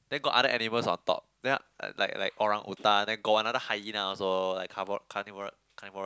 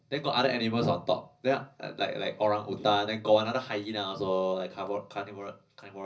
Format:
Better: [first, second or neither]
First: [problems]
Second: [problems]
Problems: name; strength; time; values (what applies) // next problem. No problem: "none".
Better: first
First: none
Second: room echo; dies away in 0.4 s